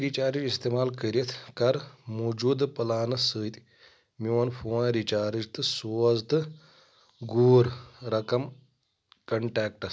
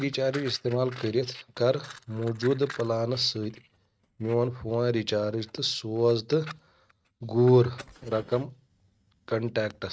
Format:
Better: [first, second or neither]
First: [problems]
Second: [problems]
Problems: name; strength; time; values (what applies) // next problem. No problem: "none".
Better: first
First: none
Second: noise reduction (neural mask model RNNoise)